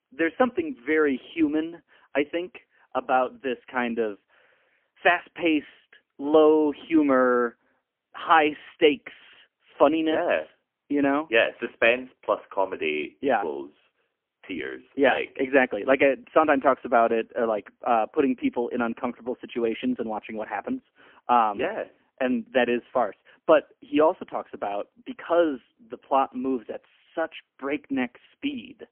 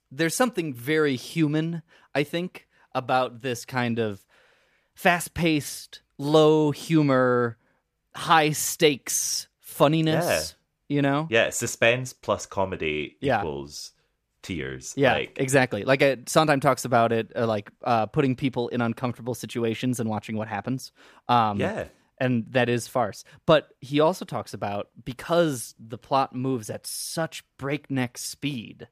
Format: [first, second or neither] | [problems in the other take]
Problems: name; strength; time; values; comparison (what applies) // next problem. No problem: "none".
second | phone-call audio; poor line; nothing above 3 kHz